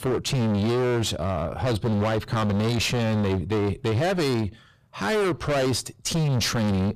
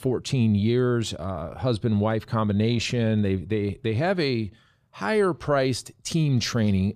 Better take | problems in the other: second | distortion; heavy; 37% of the sound clipped

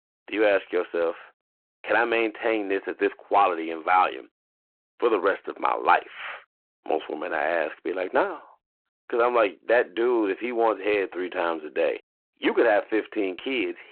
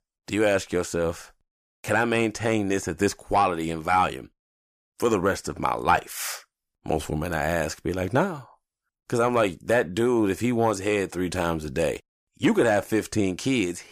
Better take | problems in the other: second | phone-call audio

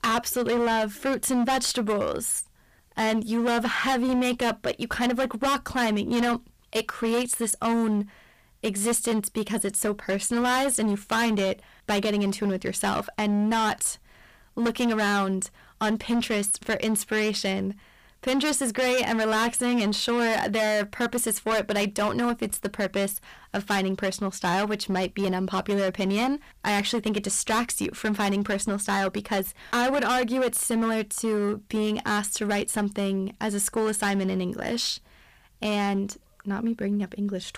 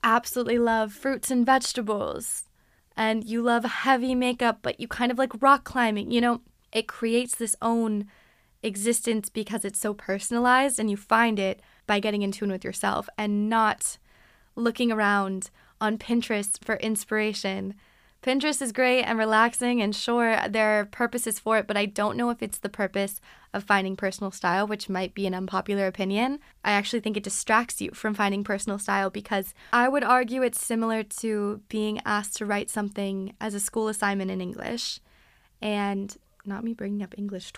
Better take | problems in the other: second | distortion; heavy; 16% of the sound clipped

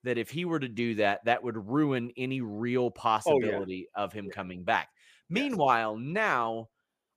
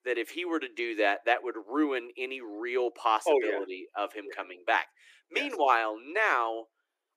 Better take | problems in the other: first | thin; somewhat; fading below 300 Hz

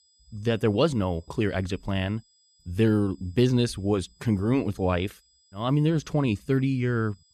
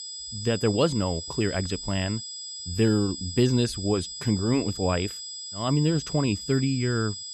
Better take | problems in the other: first | high-pitched whine; loud; throughout; 5 kHz, 8 dB below the speech; faint in the first

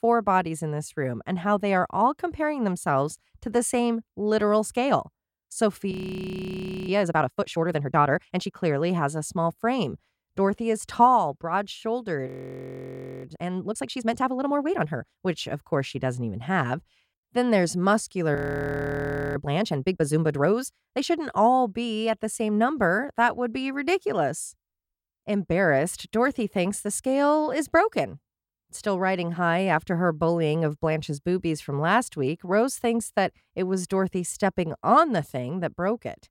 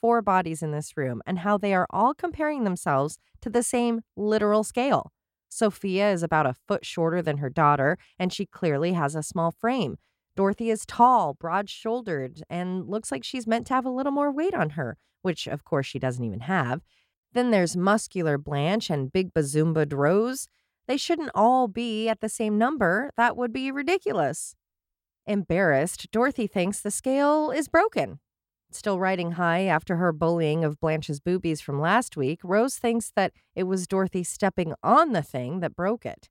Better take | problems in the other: second | audio freezing; at 6 s for 1 s, at 12 s for 1 s and at 18 s for 1 s

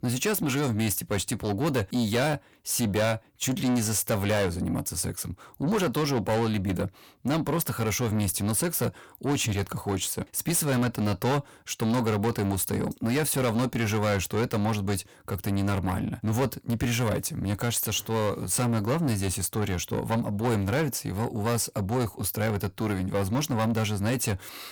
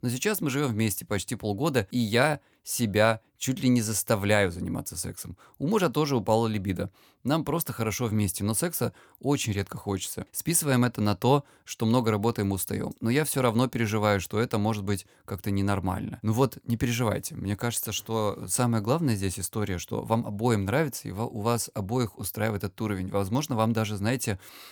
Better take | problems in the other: second | distortion; heavy; 7 dB below the speech

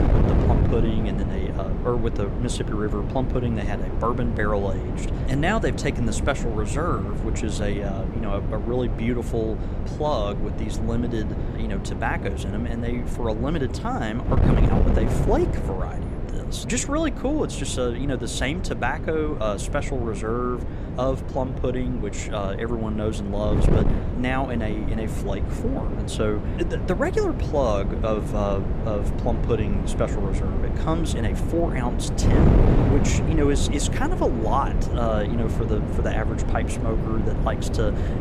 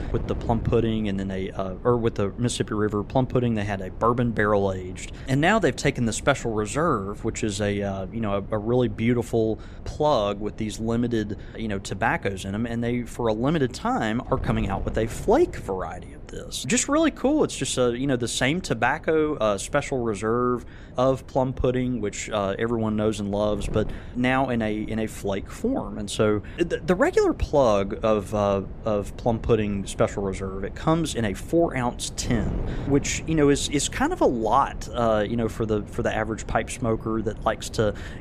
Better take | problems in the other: second | wind noise on the microphone; heavy; 5 dB below the speech; occasional gusts in the second

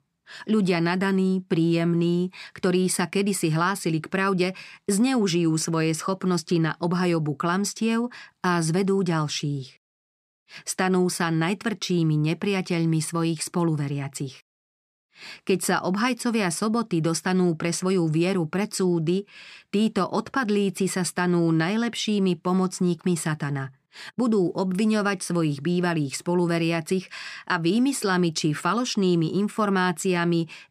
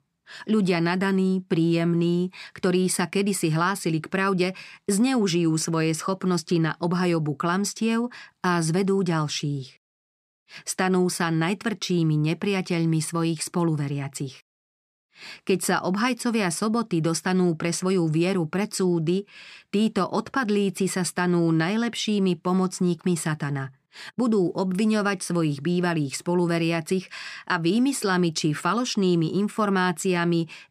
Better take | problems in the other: neither | none

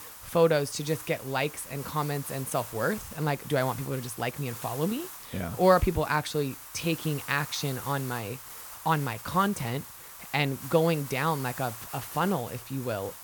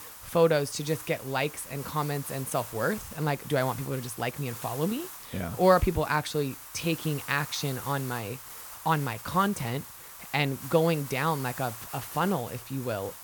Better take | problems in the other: neither | hiss; noticeable; throughout; 10 dB below the speech; the same in both

